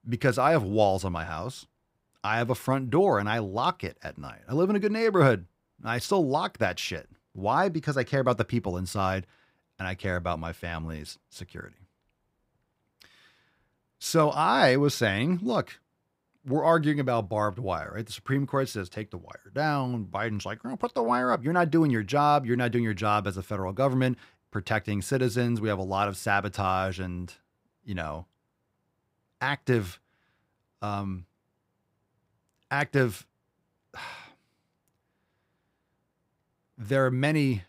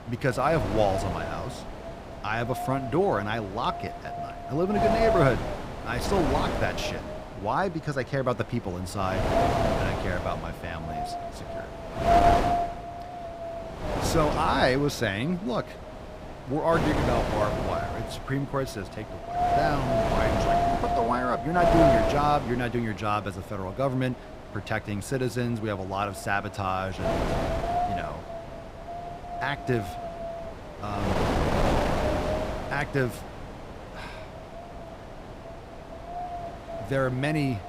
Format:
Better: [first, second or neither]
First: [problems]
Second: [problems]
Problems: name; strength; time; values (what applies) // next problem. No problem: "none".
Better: first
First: none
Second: wind noise on the microphone; heavy; 1 dB above the speech